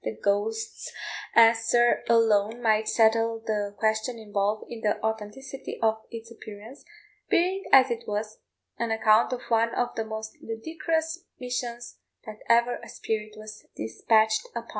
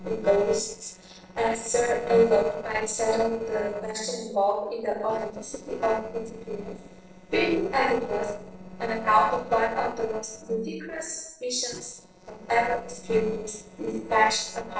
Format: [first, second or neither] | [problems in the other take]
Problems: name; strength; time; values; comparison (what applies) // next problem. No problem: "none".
first | noise reduction (neural separator model SepFormer DNS4)